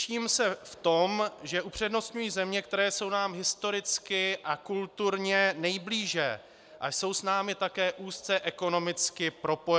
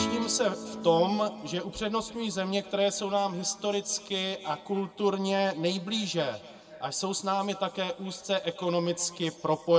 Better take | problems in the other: first | background sound (Guitar); 15 dB below the speech // room echo; dies away in 2 s

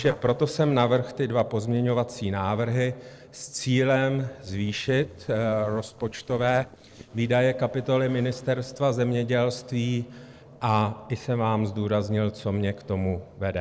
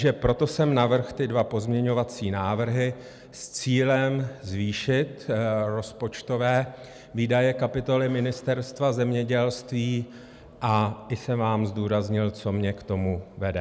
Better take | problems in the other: second | noise reduction (neural separator model SepFormer DNS4)

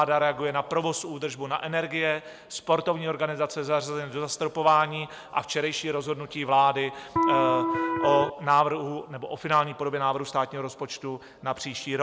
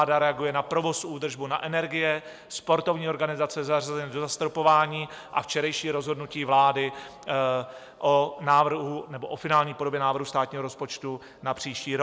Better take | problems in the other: second | background sound (Electric guitar); 2 dB above the speech

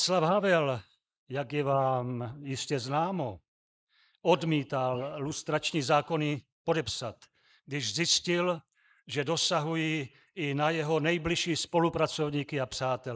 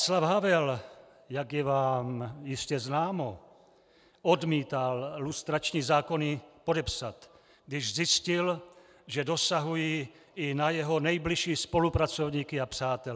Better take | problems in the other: second | noise reduction (neural mask model Resemble Enhance denoiser)

